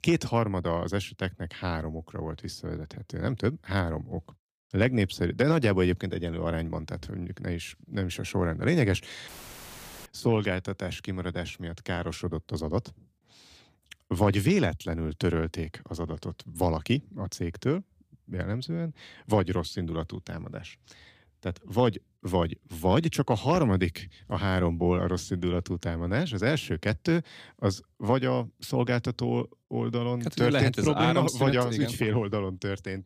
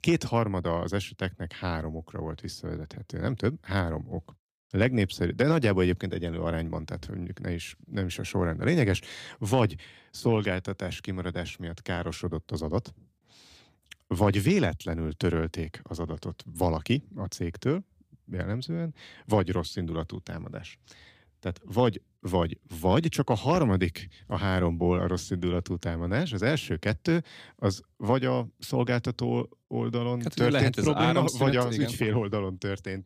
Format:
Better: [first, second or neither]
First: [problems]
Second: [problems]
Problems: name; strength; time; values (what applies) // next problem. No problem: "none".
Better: second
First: audio cutting out; filled with static; at 9.5 s for 1 s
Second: none